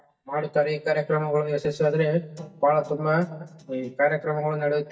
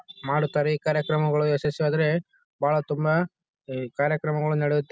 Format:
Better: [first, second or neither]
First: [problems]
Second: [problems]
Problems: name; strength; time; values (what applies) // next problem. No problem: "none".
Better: second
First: noise reduction (neural mask model DeepFilterNet 3)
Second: none